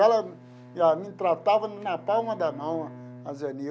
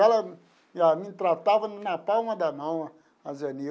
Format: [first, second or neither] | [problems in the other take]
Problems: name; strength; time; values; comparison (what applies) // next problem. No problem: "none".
second | background sound (Bowed string instrument); 20 dB below the speech